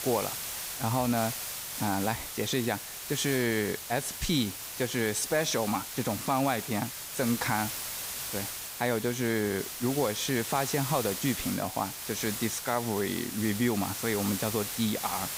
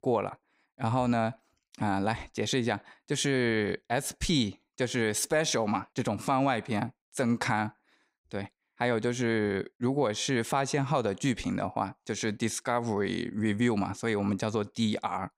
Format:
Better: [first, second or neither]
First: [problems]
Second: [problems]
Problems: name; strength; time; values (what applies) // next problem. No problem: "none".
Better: second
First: hiss; loud; throughout; 5 dB below the speech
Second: none